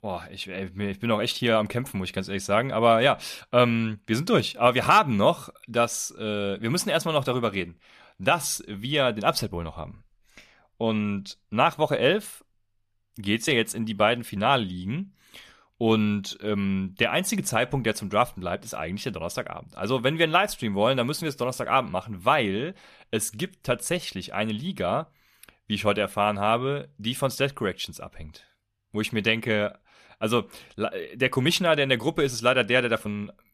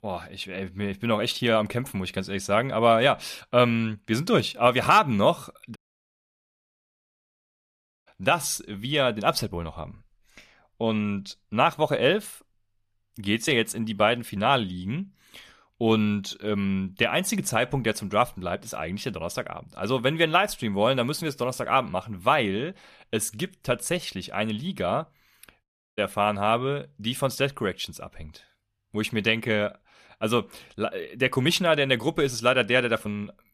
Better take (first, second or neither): first